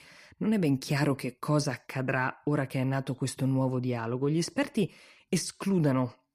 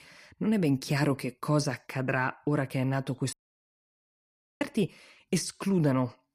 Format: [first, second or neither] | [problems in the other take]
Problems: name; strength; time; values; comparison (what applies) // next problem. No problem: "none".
first | audio cutting out; at 3.5 s for 1.5 s